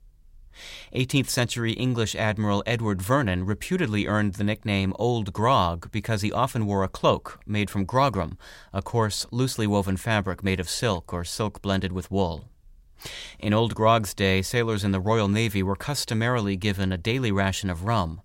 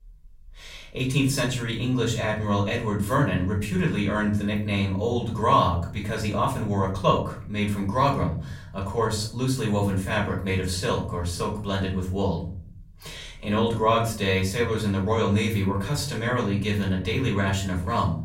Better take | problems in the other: first | off-mic speech; far // room echo; slight; dies away in 0.6 s

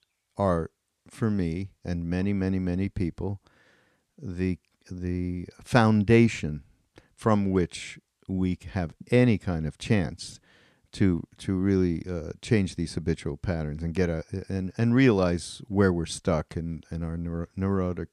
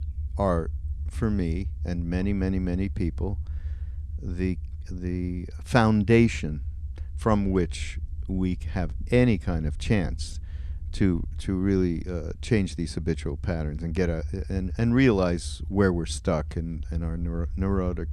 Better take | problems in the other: first | low rumble; faint; throughout; 25 dB below the speech

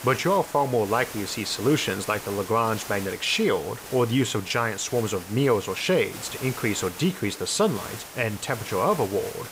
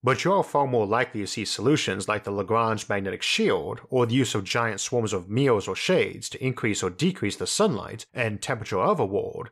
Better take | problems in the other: second | hiss; noticeable; throughout; 10 dB below the speech

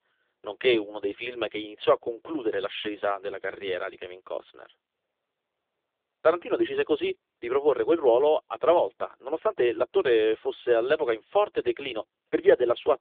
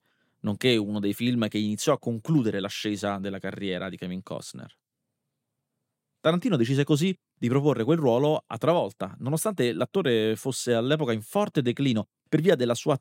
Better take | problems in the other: second | phone-call audio; poor line; nothing above 3.5 kHz

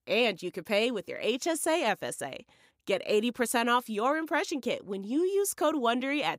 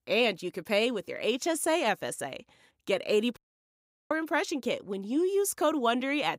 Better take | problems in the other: first | audio cutting out; at 3.5 s for 0.5 s

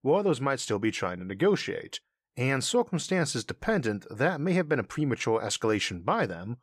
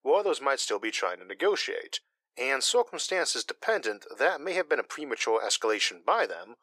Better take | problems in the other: first | thin; very; fading below 400 Hz

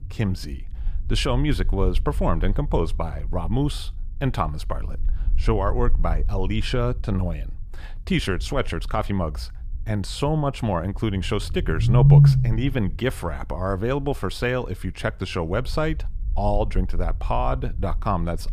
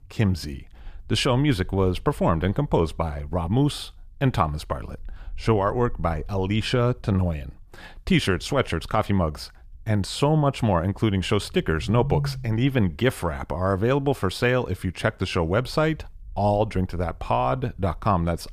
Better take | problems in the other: second | low rumble; loud; throughout; 4 dB below the speech; faint in the second

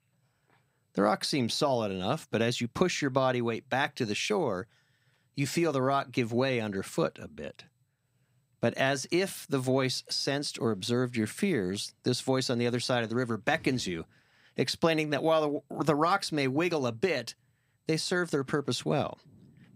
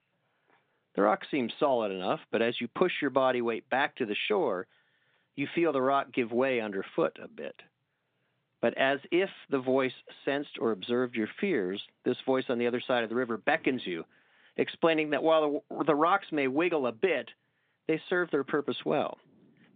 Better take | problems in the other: first | phone-call audio; nothing above 3.5 kHz

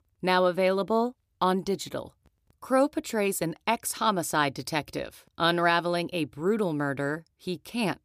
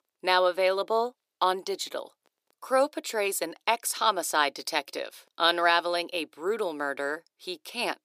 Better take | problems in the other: first | thin; somewhat; fading below 400 Hz

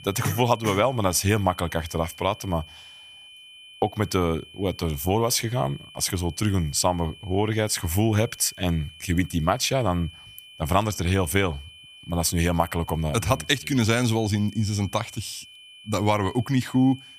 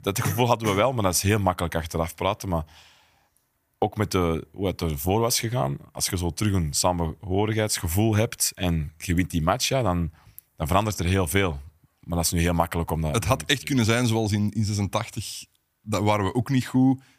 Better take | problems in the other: second | high-pitched whine; noticeable; throughout; 3 kHz, 20 dB below the speech

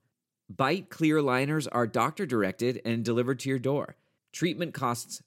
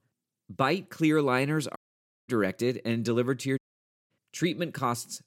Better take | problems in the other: first | audio cutting out; at 2 s for 0.5 s and at 3.5 s for 0.5 s

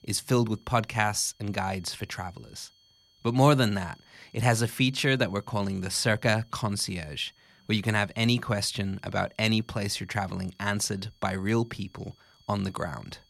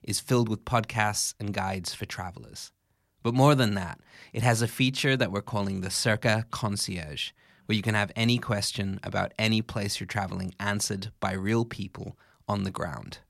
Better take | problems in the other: second | high-pitched whine; faint; throughout; 3 kHz, 35 dB below the speech

